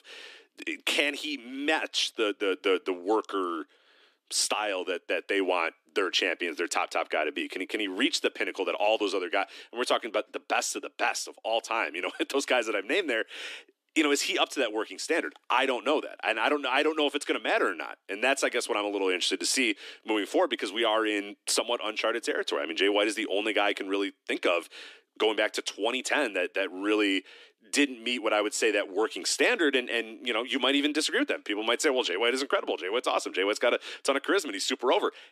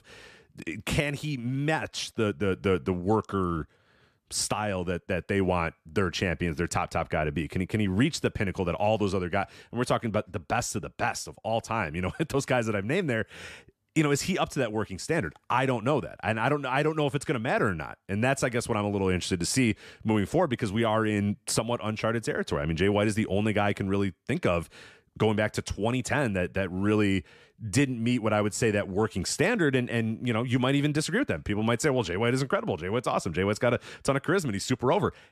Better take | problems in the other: second | thin; somewhat; fading below 300 Hz

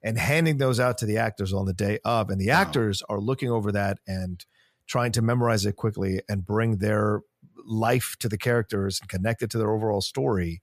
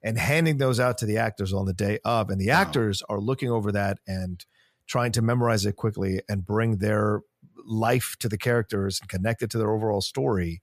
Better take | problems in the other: neither | none

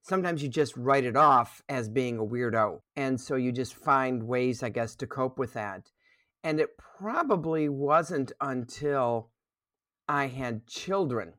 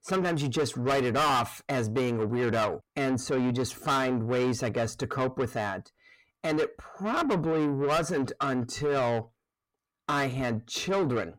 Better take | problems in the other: first | distortion; heavy; 6 dB below the speech

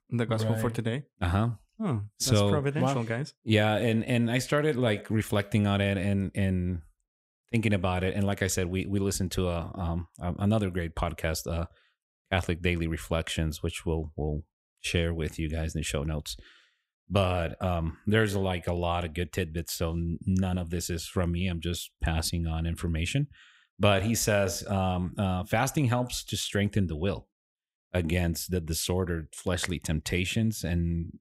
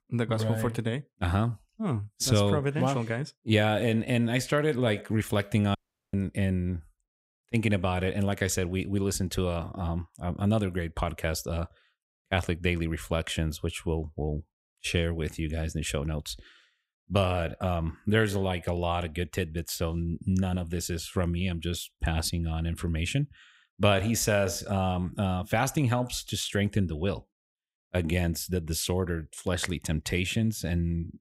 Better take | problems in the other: first | audio cutting out; at 6 s

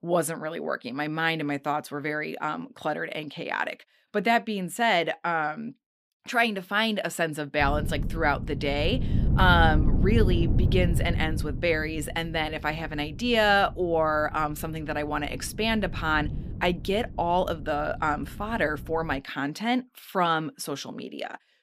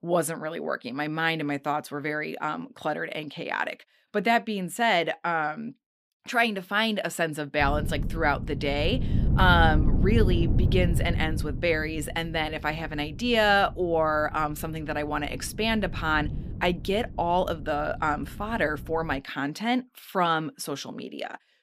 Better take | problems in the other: neither | wind noise on the microphone; occasional gusts; from 7.5 to 19 s; 15 dB below the speech; the same in both

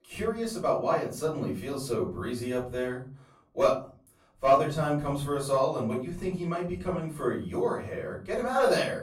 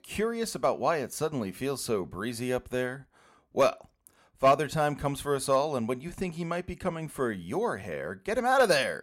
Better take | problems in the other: second | off-mic speech; far // room echo; slight; dies away in 0.4 s

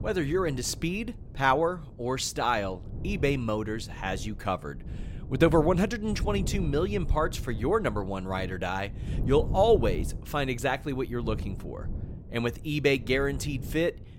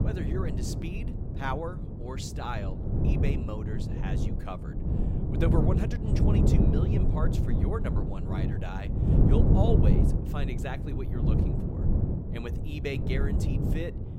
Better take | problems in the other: first | wind noise on the microphone; heavy; as loud as the speech; occasional gusts in the first

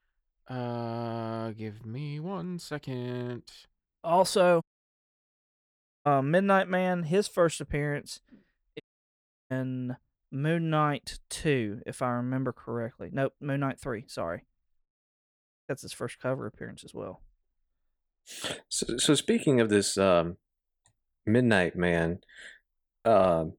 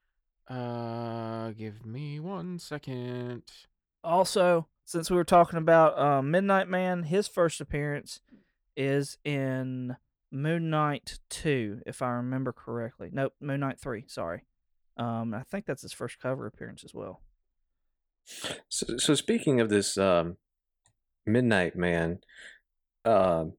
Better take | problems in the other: second | audio cutting out; at 4.5 s for 1.5 s, at 9 s for 0.5 s and at 15 s for 1 s

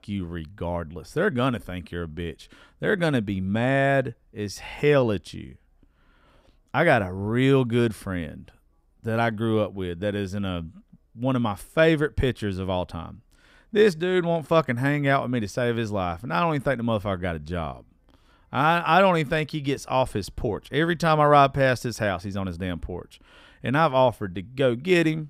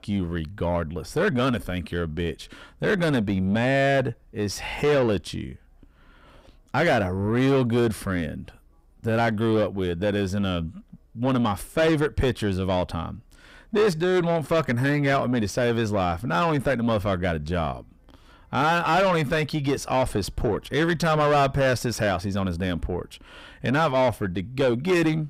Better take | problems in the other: first | distortion; heavy; 6 dB below the speech

